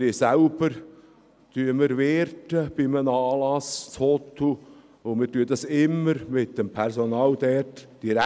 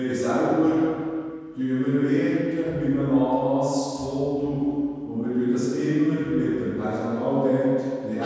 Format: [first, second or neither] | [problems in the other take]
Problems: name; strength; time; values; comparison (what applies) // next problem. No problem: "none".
first | room echo; dies away in 2.1 s